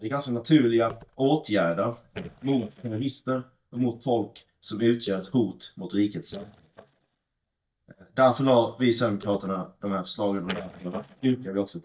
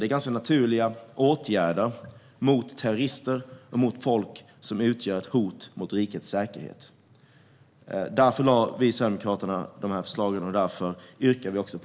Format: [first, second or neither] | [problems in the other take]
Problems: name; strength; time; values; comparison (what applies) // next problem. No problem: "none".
second | noise reduction (neural mask model DeepFilterNet 3)